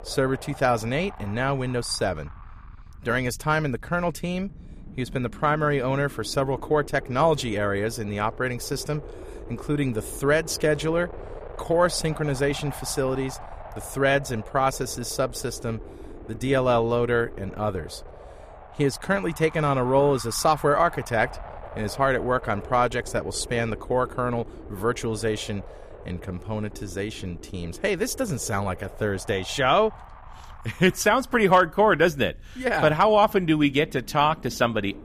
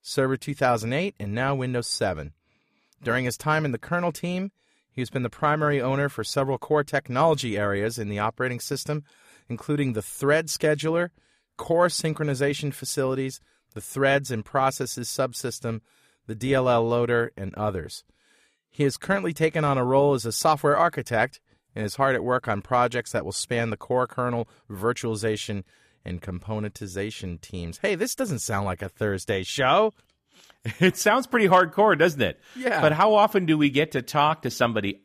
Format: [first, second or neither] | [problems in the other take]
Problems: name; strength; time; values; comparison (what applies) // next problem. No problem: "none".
second | wind noise on the microphone; occasional gusts; 20 dB below the speech